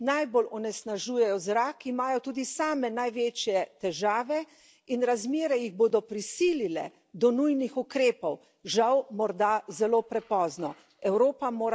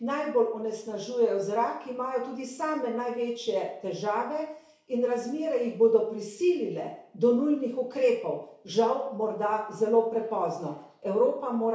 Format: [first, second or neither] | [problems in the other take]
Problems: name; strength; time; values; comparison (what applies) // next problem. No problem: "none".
first | room echo; dies away in 0.6 s